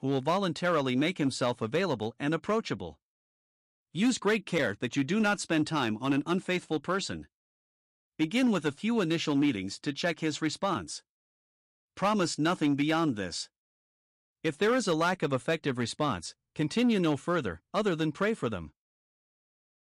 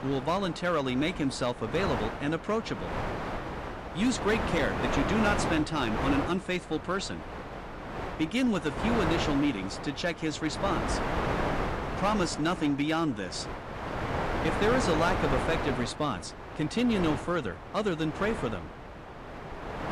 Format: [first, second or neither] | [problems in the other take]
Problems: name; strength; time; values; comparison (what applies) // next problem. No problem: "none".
first | wind noise on the microphone; heavy; 3 dB below the speech